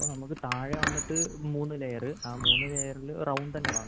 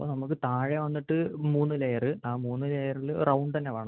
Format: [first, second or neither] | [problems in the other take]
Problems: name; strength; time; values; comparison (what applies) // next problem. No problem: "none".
second | background sound (Squeak + Bird); 2 dB above the speech